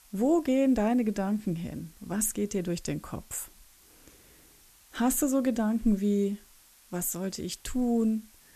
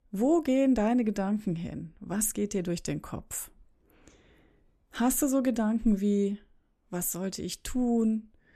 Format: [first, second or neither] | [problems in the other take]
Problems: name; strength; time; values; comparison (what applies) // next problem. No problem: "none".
second | hiss; faint; throughout; 25 dB below the speech